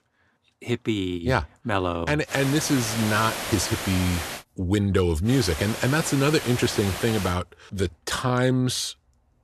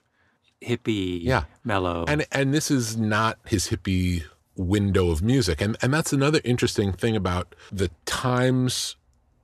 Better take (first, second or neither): second